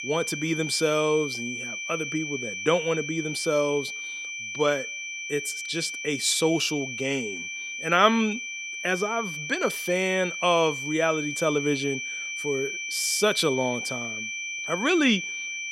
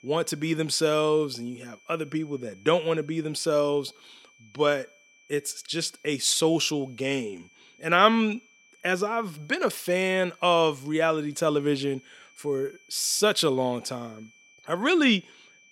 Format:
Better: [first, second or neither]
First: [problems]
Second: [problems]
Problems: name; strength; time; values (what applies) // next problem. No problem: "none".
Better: second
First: high-pitched whine; loud; throughout; 2.5 kHz, 5 dB below the speech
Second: high-pitched whine; faint; throughout; 2.5 kHz, 30 dB below the speech